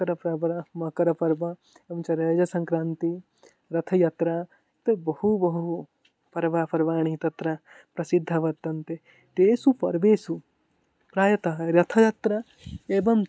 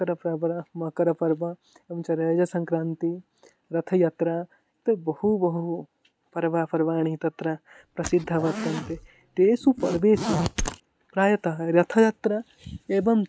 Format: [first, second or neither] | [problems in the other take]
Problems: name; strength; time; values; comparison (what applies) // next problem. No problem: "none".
first | background sound (Zipper (clothing)); 7 dB below the speech